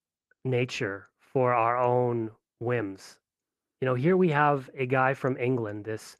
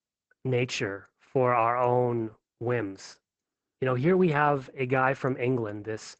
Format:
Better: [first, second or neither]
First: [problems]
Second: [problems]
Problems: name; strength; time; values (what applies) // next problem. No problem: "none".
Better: first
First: garbled, watery; slightly; nothing above 14 kHz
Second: garbled, watery; badly; nothing above 7.5 kHz